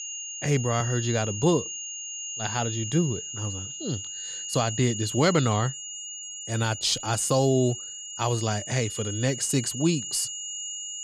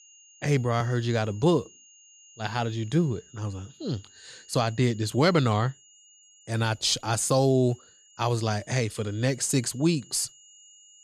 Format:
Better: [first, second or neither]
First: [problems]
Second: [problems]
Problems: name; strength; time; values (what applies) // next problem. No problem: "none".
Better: second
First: high-pitched whine; loud; throughout; 7 kHz, 7 dB below the speech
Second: high-pitched whine; faint; throughout; 7 kHz, 25 dB below the speech